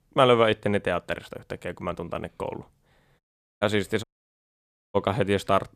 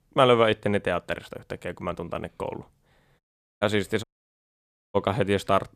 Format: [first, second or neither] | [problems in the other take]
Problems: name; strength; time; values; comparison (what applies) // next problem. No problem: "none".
neither | audio cutting out; at 3 s and at 4 s for 1 s; the same in both